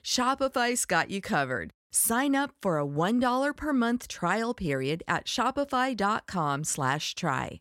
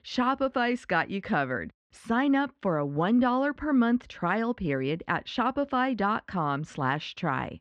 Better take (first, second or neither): first